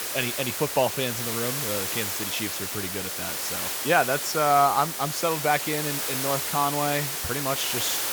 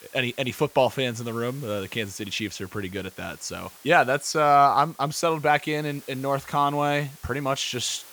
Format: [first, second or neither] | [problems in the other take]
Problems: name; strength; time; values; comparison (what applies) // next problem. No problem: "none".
second | hiss; loud; throughout; 1 dB below the speech; faint in the second